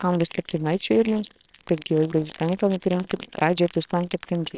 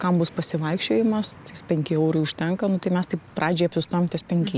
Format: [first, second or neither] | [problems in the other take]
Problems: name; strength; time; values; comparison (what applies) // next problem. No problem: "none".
second | noise reduction (neural separator model SepFormer WHAMR!)